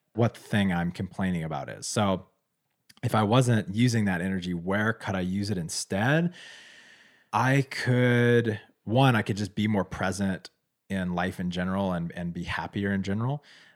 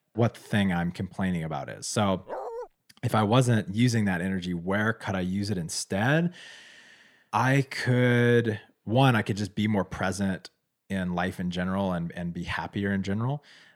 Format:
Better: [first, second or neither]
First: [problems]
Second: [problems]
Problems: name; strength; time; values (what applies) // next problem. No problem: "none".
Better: first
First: none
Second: dog barking; noticeable; at 2.5 s; peak 9 dB below the speech